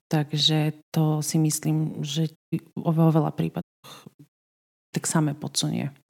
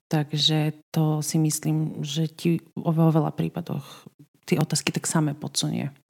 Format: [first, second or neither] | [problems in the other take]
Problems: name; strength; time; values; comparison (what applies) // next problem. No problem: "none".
second | audio cutting out; at 2.5 s, at 3.5 s and at 4.5 s for 0.5 s